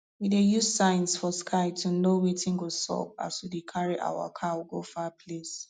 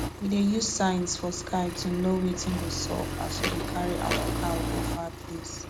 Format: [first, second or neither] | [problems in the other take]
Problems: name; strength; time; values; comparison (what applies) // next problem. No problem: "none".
first | background sound (Thump, thud + Accelerating, revving, vroom); 3 dB below the speech